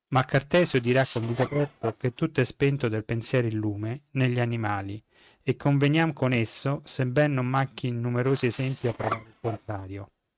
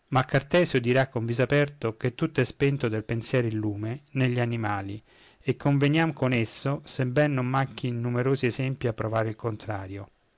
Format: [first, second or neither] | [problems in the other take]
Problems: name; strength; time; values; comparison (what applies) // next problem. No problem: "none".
second | noise reduction (neural mask model RNNoise)